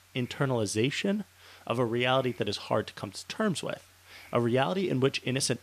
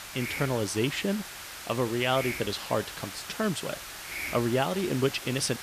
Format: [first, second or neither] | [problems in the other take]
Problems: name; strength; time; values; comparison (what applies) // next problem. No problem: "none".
first | hiss; loud; throughout; 8 dB below the speech; faint in the first